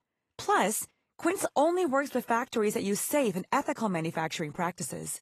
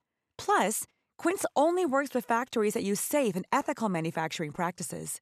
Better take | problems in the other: second | garbled, watery; slightly; nothing above 13.5 kHz

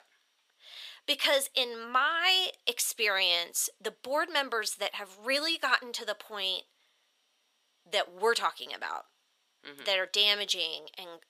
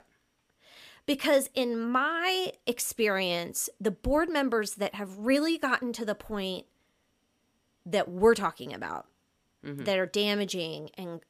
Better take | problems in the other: second | thin; very; fading below 700 Hz

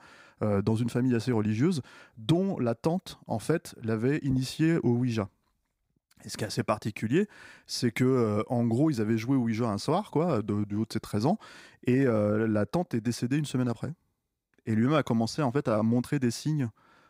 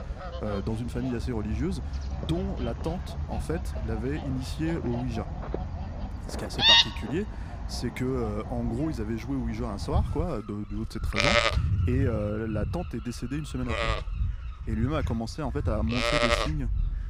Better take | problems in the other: first | animal sounds; very loud; throughout; 4 dB above the speech

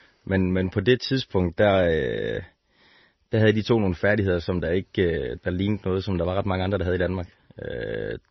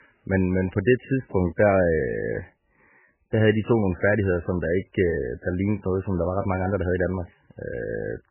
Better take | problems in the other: first | garbled, watery; badly; nothing above 3 kHz; slightly in the first

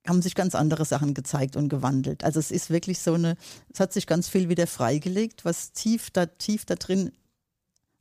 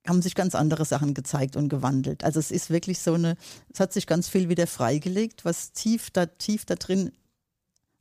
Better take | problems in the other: neither | none

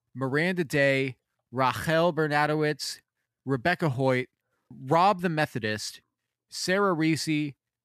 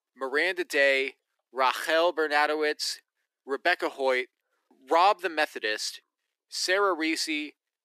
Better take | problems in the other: first | thin; very; fading below 350 Hz

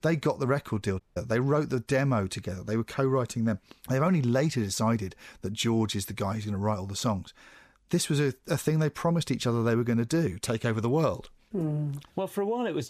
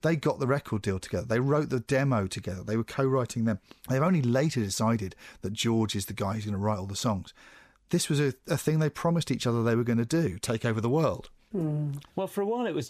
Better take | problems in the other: second | audio cutting out; at 1 s

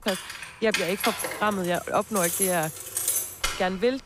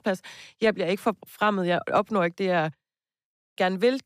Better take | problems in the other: second | jangling keys; loud; peak 3 dB above the speech

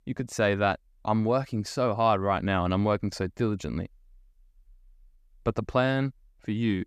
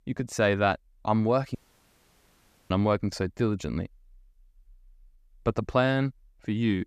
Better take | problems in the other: first | audio cutting out; at 1.5 s for 1 s

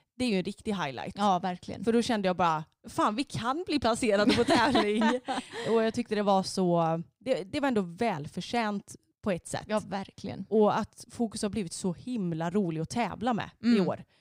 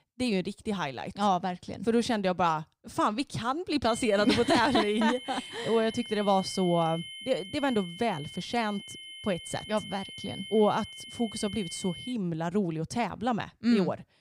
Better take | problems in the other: first | high-pitched whine; noticeable; from 4 to 12 s; 3 kHz, 10 dB below the speech

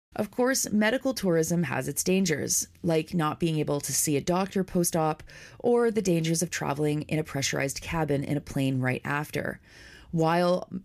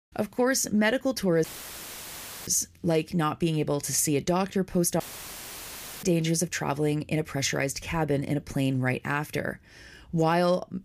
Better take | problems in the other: first | audio cutting out; filled with static; at 1.5 s for 1 s and at 5 s for 1 s

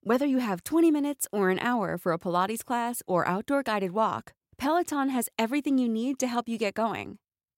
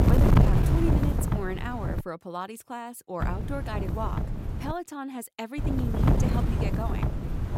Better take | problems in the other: first | wind noise on the microphone; heavy; until 2 s, from 3 to 4.5 s and from 5.5 s on; 1 dB above the speech

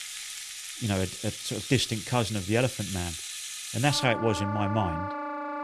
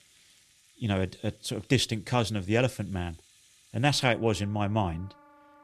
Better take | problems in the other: second | background music; loud; throughout; 6 dB below the speech; faint in the second

